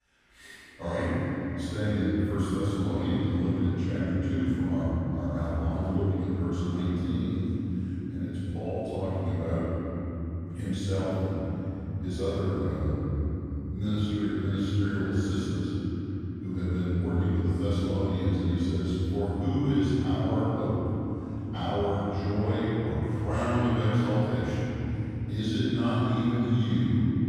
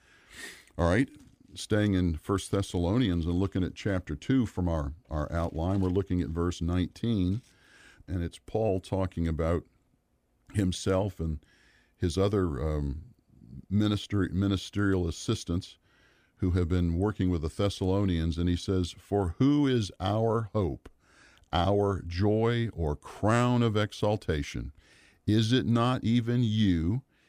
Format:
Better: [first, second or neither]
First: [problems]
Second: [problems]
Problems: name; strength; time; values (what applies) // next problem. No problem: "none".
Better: second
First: room echo; strong; dies away in 3 s // off-mic speech; far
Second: none